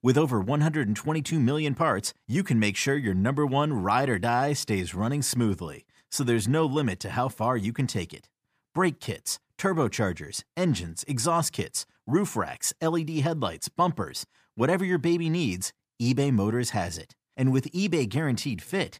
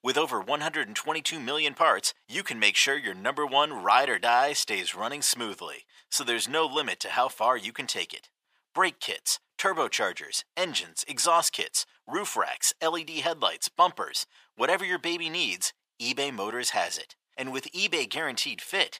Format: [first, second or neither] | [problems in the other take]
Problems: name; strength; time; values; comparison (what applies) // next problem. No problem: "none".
first | thin; very; fading below 700 Hz